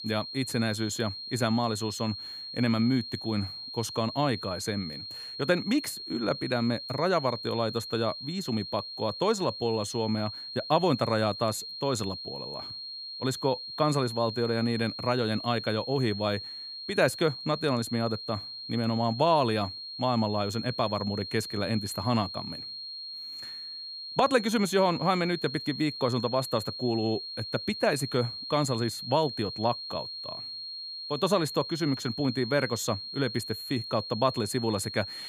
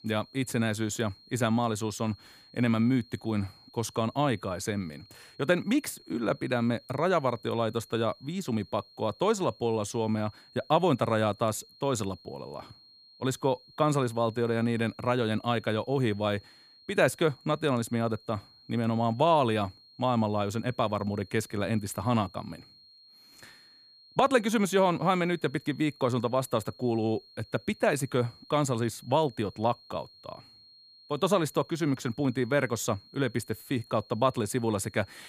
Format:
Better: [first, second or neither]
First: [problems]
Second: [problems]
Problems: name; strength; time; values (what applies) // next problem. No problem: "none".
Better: second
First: high-pitched whine; loud; throughout; 4 kHz, 8 dB below the speech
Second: high-pitched whine; faint; throughout; 4 kHz, 25 dB below the speech